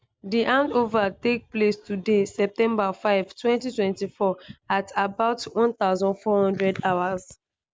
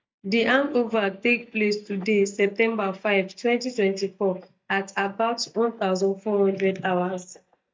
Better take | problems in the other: first | noise reduction (neural mask model DeepFilterNet 3)

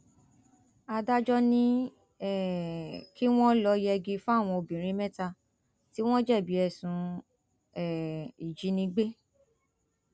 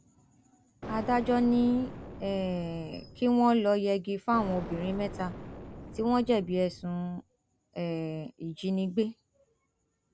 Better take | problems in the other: first | background sound (Explosion); 13 dB below the speech

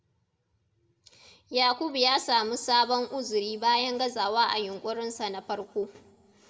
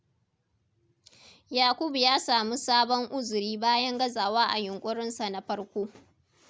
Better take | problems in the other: second | room echo; dies away in 2.3 s

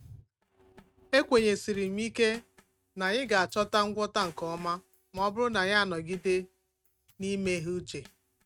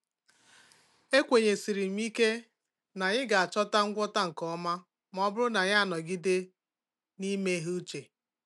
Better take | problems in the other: second | noise reduction (neural mask model RNNoise)

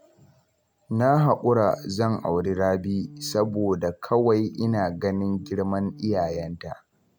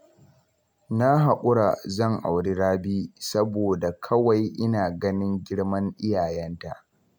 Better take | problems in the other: second | background sound (Organ); 19 dB below the speech

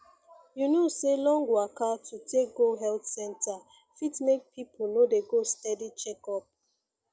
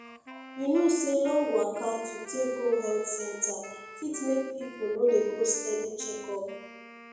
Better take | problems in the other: first | background sound (Wind instrument, woodwind instrument); 15 dB below the speech // room echo; dies away in 0.9 s

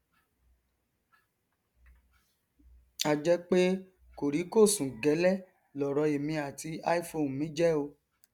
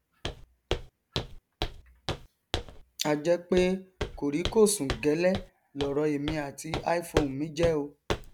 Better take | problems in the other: first | background sound (Walk, footsteps); 7 dB below the speech

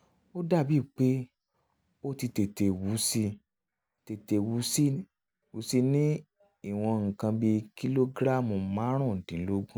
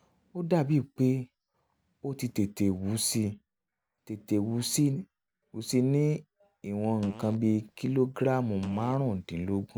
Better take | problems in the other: first | background sound (Fart); 18 dB below the speech

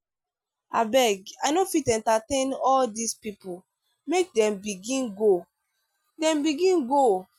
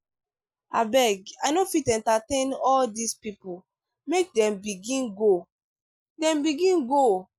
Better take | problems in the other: first | noise reduction (neural mask model Resemble Enhance denoiser)

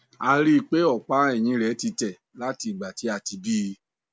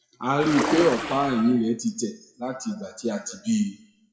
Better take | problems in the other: first | noise reduction (classical method WPE with log-MMSE)

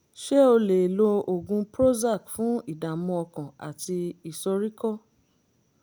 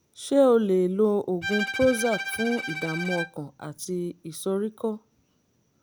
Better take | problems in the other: first | background sound (Bowed string instrument); 8 dB below the speech

